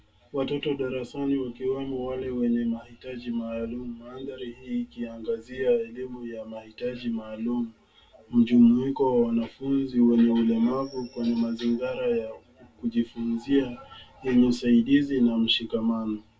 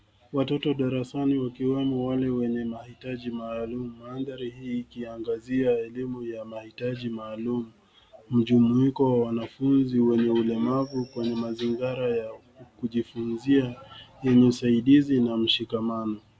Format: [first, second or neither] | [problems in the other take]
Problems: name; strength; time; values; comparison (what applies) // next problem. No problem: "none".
second | room echo; dies away in 0.1 s